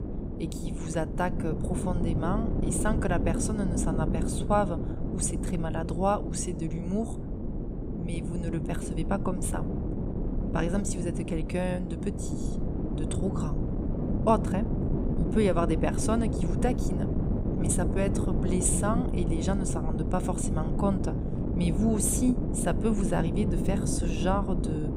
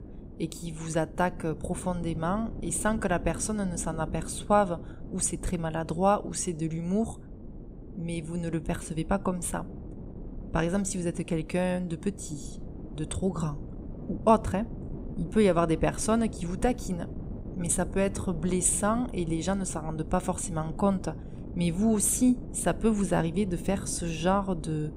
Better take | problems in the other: second | wind noise on the microphone; heavy; 5 dB below the speech; occasional gusts in the second

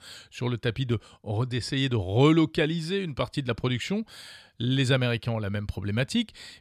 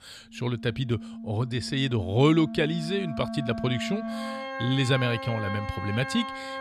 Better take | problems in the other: first | background music; loud; throughout; 8 dB below the speech

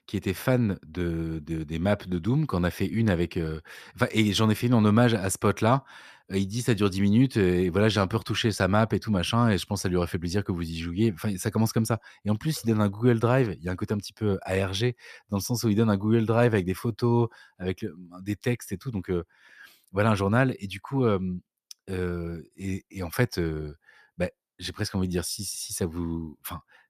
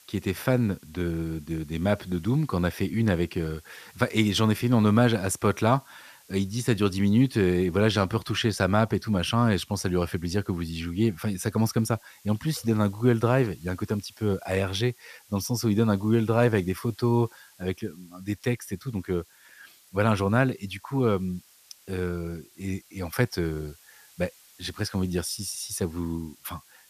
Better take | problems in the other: first | hiss; faint; throughout; 25 dB below the speech

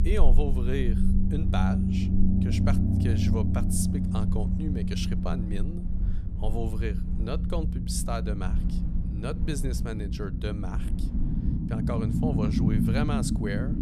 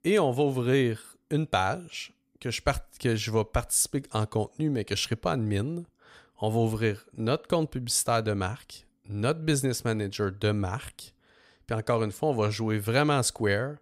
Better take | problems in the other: second | low rumble; loud; throughout; 1 dB below the speech

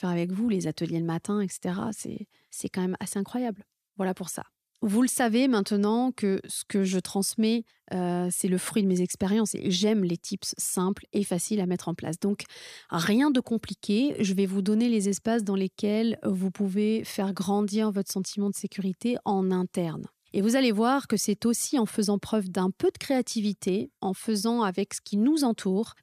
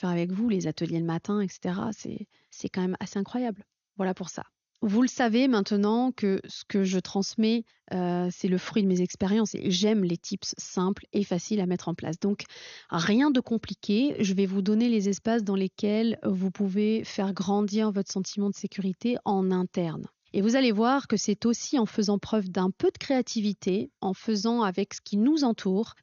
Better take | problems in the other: first | garbled, watery; slightly; nothing above 6.5 kHz

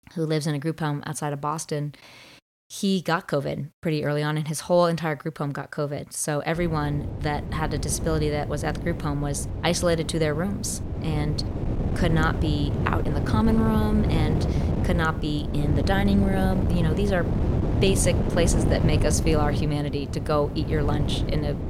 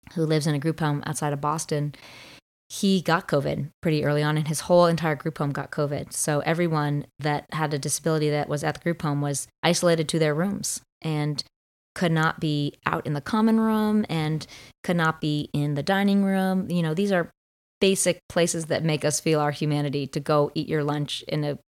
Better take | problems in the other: second | wind noise on the microphone; heavy; from 6.5 s on; 7 dB below the speech

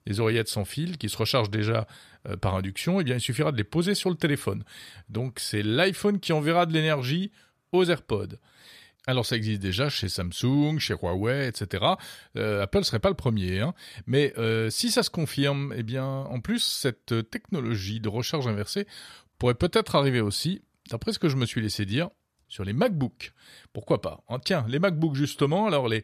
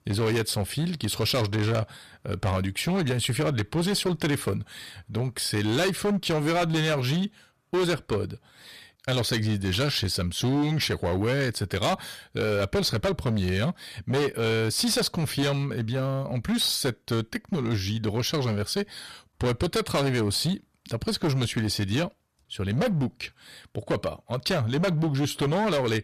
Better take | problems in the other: first | distortion; heavy; 15% of the sound clipped

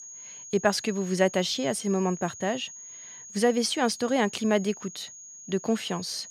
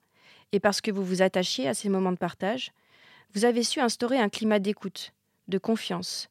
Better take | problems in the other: second | high-pitched whine; noticeable; throughout; 6.5 kHz, 15 dB below the speech

